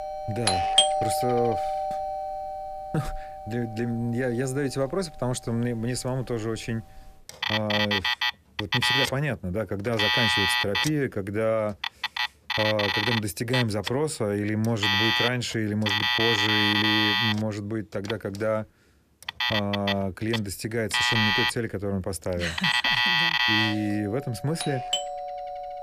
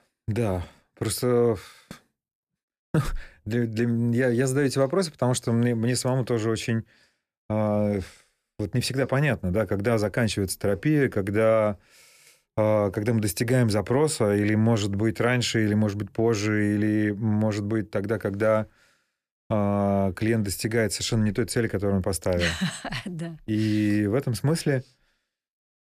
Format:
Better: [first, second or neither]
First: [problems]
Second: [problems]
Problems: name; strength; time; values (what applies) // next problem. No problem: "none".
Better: second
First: alarms or sirens; very loud; throughout; 4 dB above the speech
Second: none